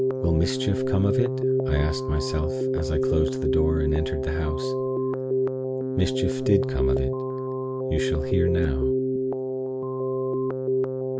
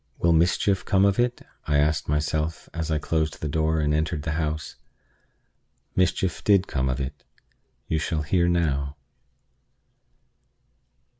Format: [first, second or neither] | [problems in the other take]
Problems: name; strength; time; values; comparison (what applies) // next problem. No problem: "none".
second | background sound (Keyboard (musical)); 2 dB above the speech